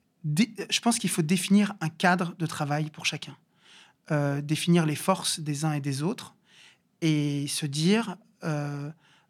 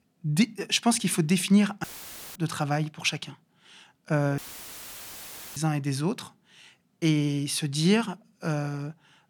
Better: first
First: none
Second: audio cutting out; filled with static; at 2 s for 0.5 s and at 4.5 s for 1 s

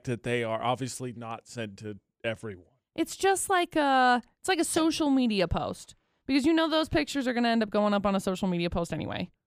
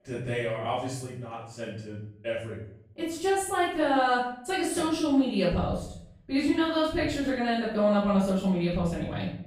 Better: first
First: none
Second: room echo; noticeable; dies away in 0.6 s // off-mic speech; far

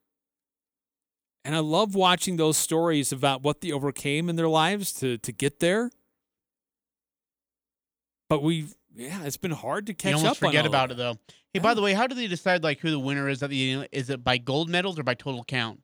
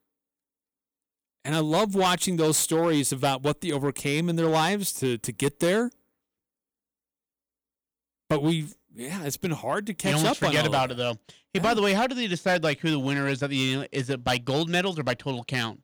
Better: first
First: none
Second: distortion; slight; 4% of the sound clipped

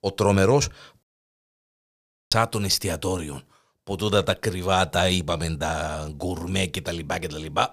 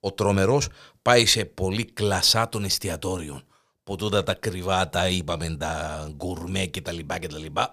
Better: second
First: audio cutting out; at 1 s for 1.5 s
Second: none

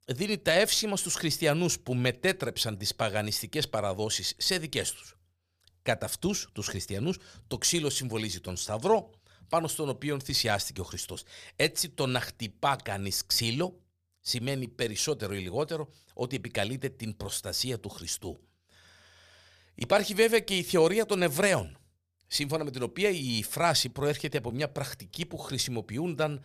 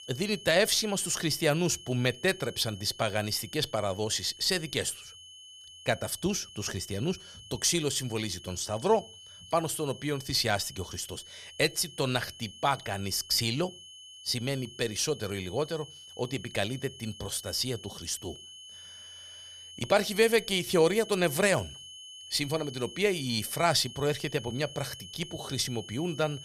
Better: first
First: none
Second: high-pitched whine; noticeable; throughout; 3 kHz, 15 dB below the speech

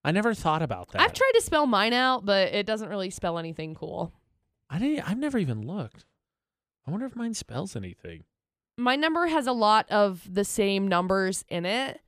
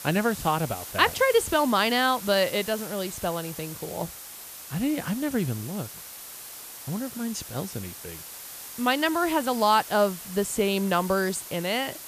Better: first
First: none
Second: hiss; noticeable; throughout; 10 dB below the speech

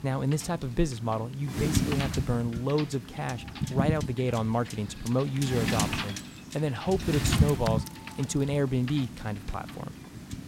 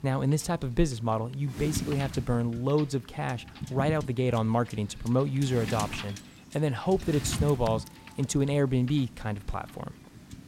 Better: second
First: wind noise on the microphone; heavy; 4 dB below the speech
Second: wind noise on the microphone; occasional gusts; 10 dB below the speech

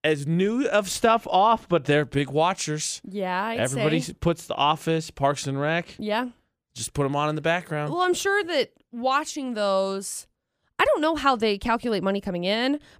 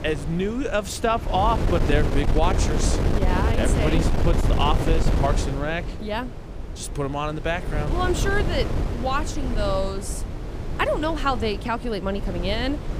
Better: first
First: none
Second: wind noise on the microphone; heavy; 7 dB below the speech

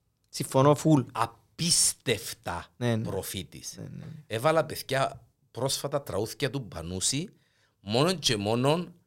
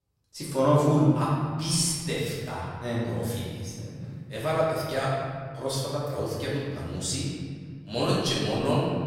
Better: first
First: none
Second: room echo; strong; dies away in 2 s // off-mic speech; far

